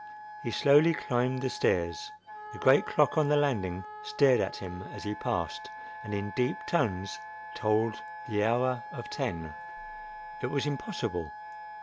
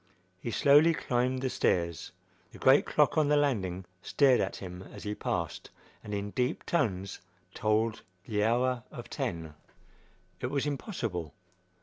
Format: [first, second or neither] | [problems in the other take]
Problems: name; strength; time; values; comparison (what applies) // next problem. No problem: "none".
second | background sound (Wind instrument, woodwind instrument); 12 dB below the speech